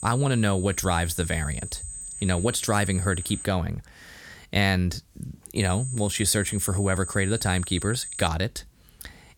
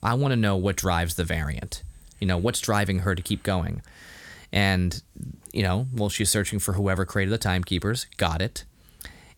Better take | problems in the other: second | high-pitched whine; loud; until 3.5 s and from 5.5 to 8.5 s; 8 kHz, 9 dB below the speech; faint in the second

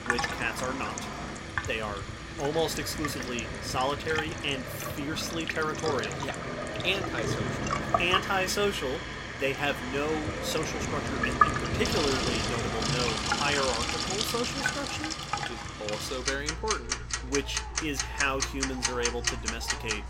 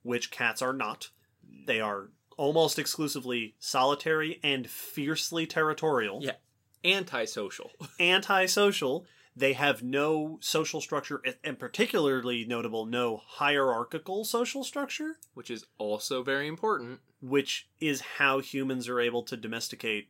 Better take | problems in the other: second | household noises; very loud; throughout; 1 dB above the speech

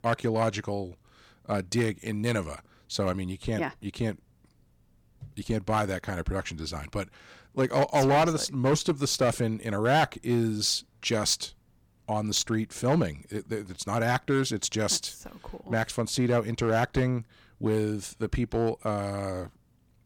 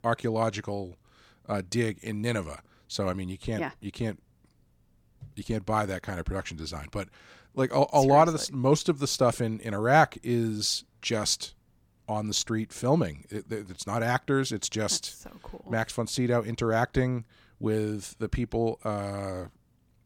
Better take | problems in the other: second | distortion; slight; 3% of the sound clipped

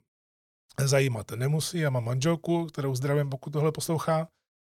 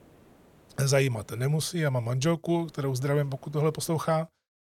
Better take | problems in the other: first | hiss; faint; until 1.5 s and from 2.5 to 4 s; 30 dB below the speech

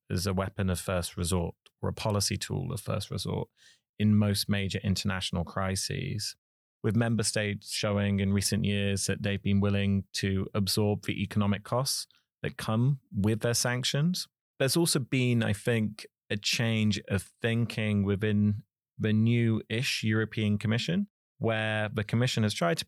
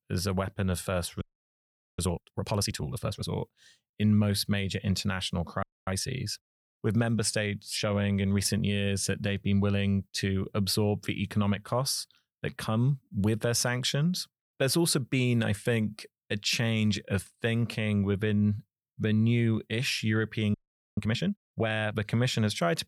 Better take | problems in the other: first | audio freezing; at 1 s for 1 s, at 5.5 s and at 21 s

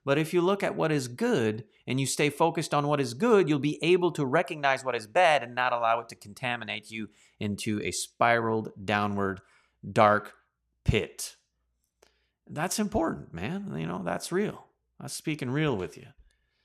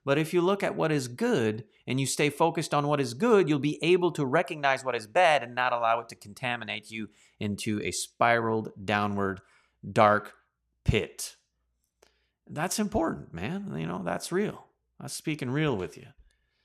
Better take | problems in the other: neither | none

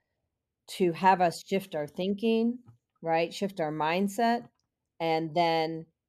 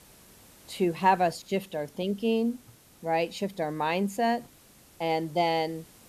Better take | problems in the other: first | hiss; faint; throughout; 25 dB below the speech

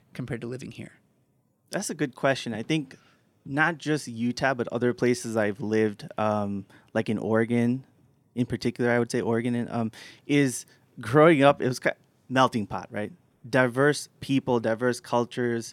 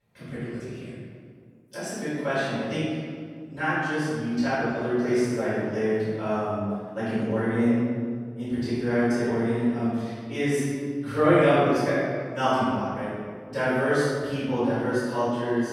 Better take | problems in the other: first | off-mic speech; far // room echo; strong; dies away in 1.8 s

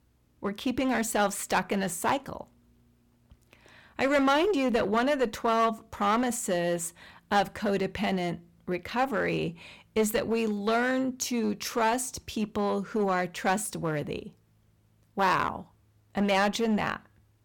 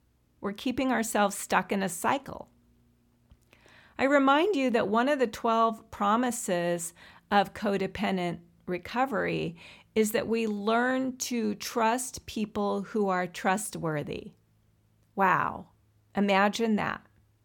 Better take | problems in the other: second | distortion; slight; 5% of the sound clipped

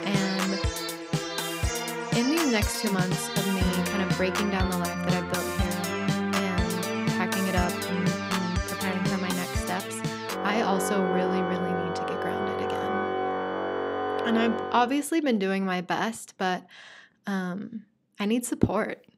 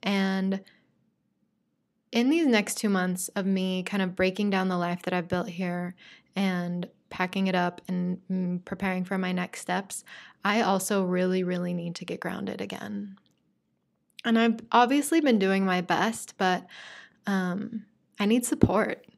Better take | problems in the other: second | background music; very loud; until 15 s; as loud as the speech

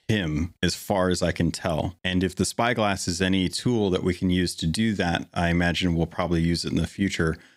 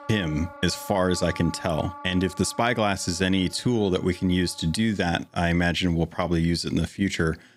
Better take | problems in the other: first | background music; noticeable; throughout; 20 dB below the speech

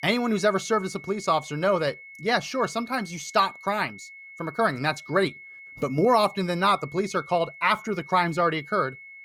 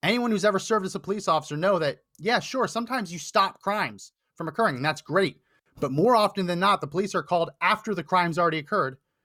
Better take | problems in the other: second | high-pitched whine; noticeable; throughout; 2 kHz, 15 dB below the speech

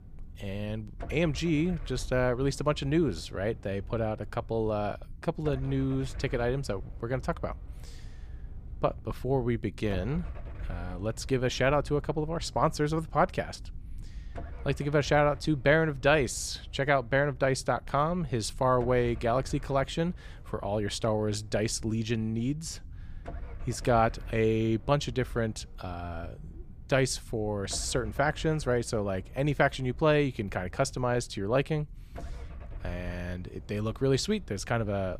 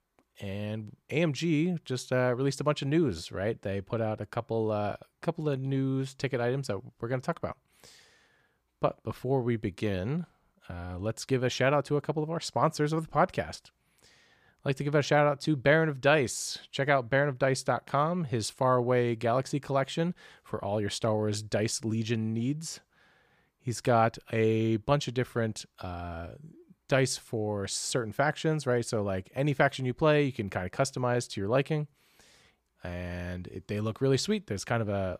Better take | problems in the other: second | low rumble; faint; throughout; 25 dB below the speech

